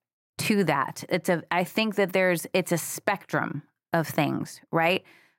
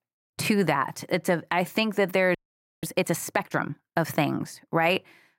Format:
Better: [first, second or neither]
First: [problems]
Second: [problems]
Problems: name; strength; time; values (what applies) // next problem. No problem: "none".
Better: first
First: none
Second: audio freezing; at 2.5 s